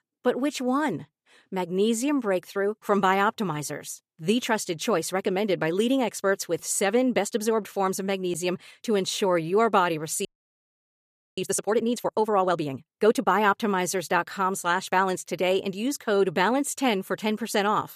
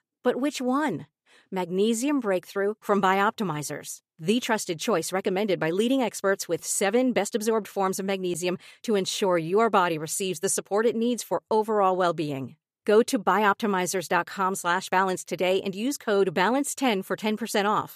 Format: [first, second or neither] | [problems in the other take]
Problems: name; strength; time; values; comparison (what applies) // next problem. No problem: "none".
second | audio freezing; at 10 s for 1 s